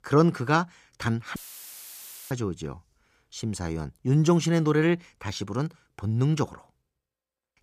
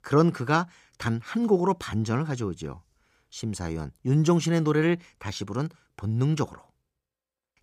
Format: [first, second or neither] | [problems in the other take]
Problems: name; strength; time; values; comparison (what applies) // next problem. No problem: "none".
second | audio cutting out; filled with static; at 1.5 s for 1 s